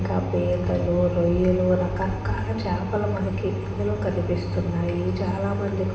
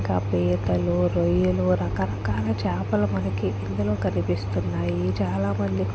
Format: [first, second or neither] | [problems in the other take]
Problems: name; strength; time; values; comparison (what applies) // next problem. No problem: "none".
second | room echo; dies away in 0.9 s